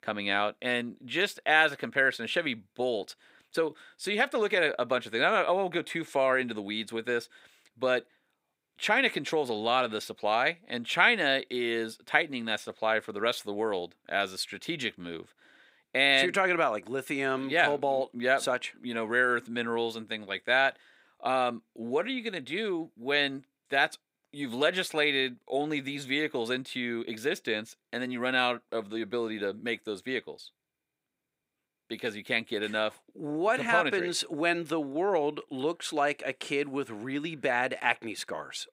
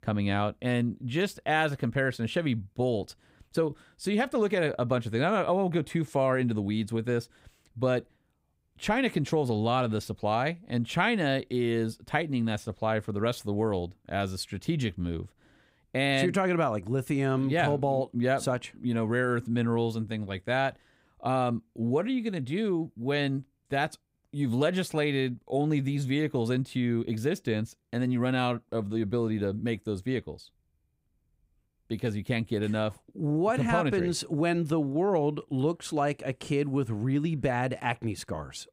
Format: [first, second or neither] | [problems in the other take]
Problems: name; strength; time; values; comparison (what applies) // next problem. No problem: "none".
second | thin; somewhat; fading below 350 Hz